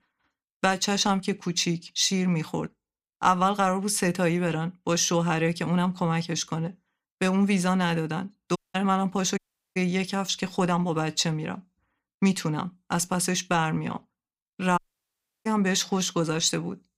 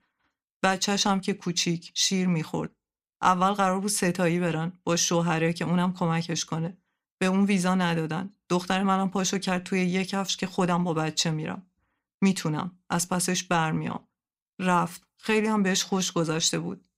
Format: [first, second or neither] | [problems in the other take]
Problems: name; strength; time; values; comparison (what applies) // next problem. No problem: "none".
second | audio cutting out; at 8.5 s, at 9.5 s and at 15 s for 0.5 s